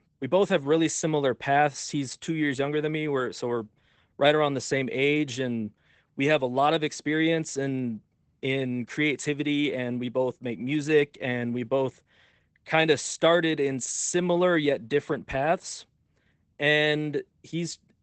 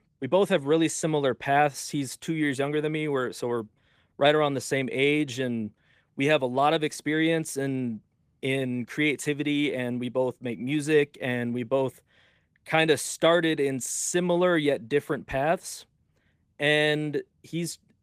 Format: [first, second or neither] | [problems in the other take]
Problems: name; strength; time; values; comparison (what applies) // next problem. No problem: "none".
second | garbled, watery; badly; nothing above 8 kHz; slightly in the second